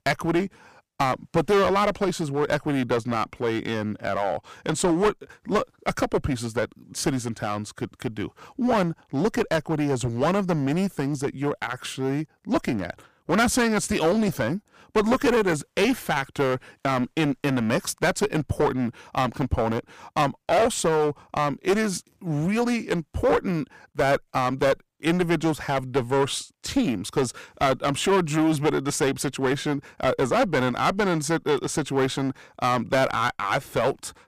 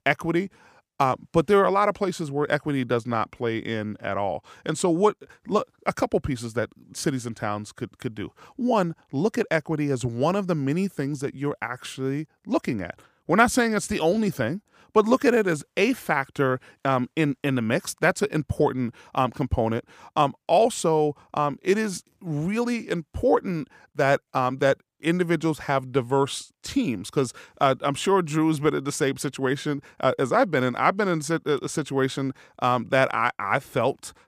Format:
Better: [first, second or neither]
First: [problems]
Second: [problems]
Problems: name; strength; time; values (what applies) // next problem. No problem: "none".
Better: second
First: distortion; heavy; 10% of the sound clipped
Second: none